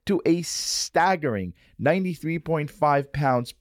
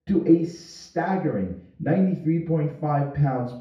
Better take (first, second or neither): first